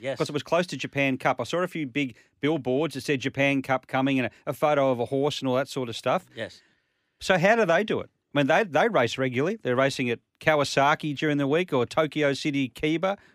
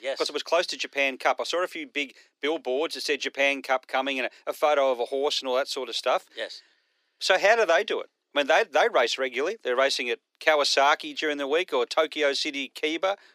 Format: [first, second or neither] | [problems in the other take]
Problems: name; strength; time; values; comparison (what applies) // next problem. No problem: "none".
first | thin; somewhat; fading below 350 Hz